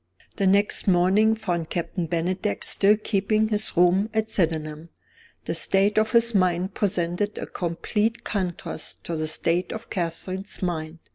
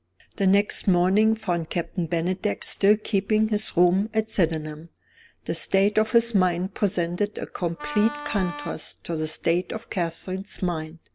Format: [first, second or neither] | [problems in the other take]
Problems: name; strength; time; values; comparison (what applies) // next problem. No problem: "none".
first | background sound (Wind instrument, woodwind instrument); 11 dB below the speech